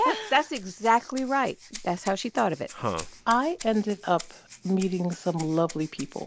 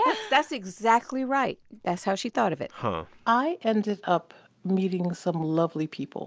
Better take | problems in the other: second | background sound (Rattle (instrument)); 18 dB below the speech

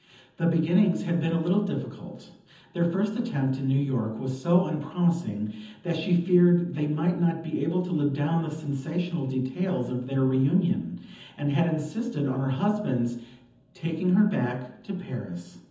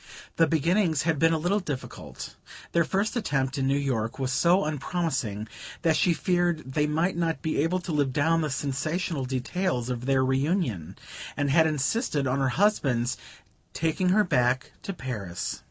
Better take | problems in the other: second | room echo; dies away in 0.8 s

